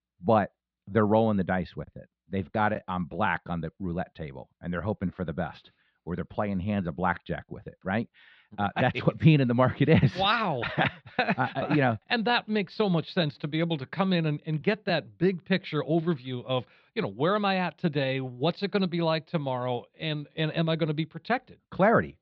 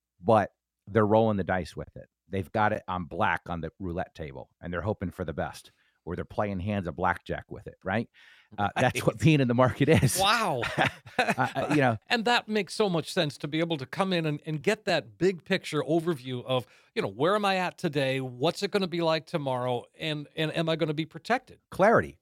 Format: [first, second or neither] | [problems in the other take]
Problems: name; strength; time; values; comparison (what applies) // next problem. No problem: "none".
second | muffled; very slightly; fading above 4 kHz